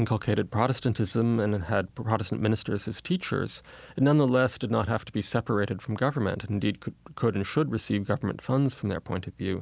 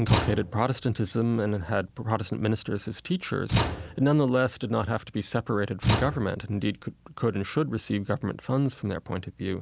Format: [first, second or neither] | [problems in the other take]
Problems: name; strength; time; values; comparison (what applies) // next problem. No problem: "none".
first | background sound (Slam / Tools); 4 dB below the speech